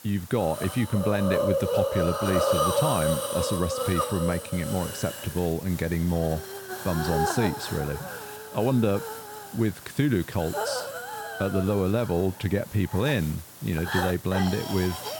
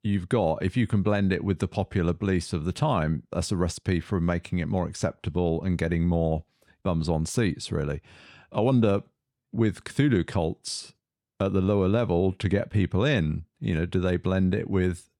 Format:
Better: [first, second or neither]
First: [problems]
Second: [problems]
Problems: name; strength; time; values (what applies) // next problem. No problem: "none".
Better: second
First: hiss; loud; throughout; 3 dB below the speech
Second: none